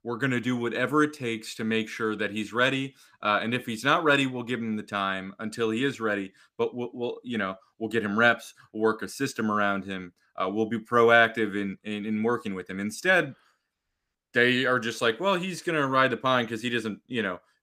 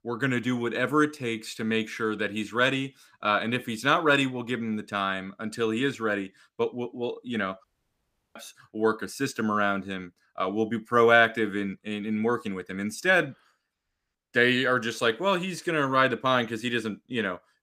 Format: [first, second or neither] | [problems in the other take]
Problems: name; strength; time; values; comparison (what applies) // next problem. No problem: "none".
first | audio cutting out; at 7.5 s for 0.5 s